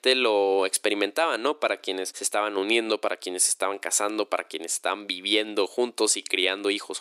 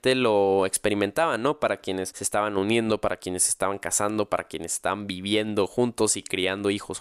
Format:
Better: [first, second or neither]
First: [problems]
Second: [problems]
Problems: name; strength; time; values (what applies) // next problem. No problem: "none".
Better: second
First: thin; very slightly; fading below 300 Hz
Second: none